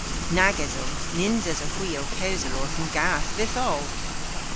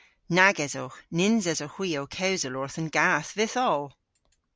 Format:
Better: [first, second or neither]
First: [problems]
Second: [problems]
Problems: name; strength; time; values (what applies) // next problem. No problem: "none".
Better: second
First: background sound (Rain); 1 dB above the speech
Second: none